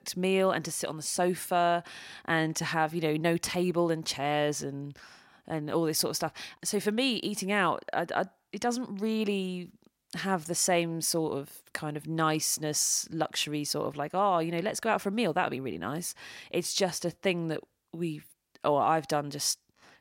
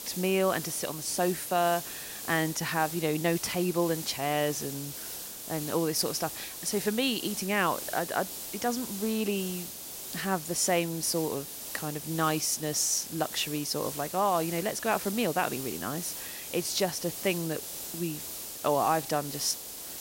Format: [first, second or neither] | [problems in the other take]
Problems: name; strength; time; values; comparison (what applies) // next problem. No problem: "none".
first | hiss; loud; throughout; 7 dB below the speech